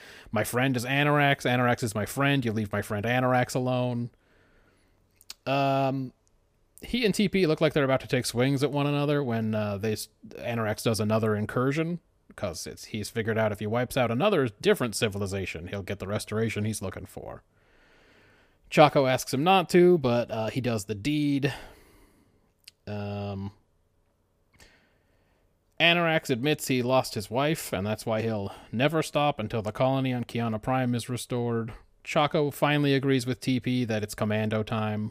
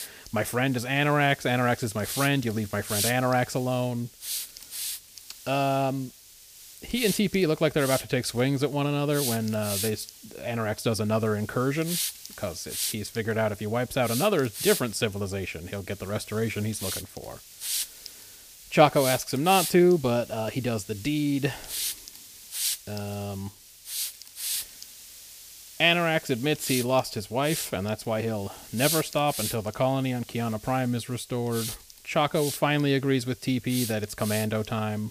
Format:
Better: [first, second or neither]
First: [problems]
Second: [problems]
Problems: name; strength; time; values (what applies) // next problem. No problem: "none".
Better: first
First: none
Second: hiss; loud; throughout; 7 dB below the speech